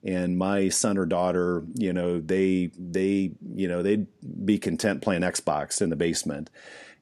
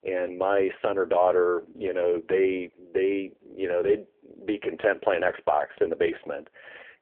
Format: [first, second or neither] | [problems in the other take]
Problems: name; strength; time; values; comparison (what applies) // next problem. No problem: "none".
first | phone-call audio; poor line